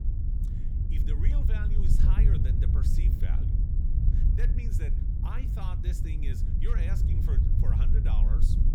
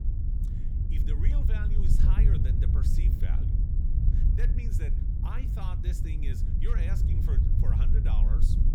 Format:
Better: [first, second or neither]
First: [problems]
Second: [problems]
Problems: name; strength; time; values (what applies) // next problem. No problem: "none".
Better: neither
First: wind noise on the microphone; heavy; 1 dB above the speech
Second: wind noise on the microphone; heavy; 1 dB above the speech